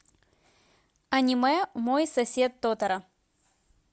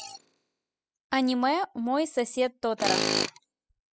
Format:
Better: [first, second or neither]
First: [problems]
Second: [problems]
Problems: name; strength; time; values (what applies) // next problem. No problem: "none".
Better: first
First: none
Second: noise reduction (classical method spectral subtraction)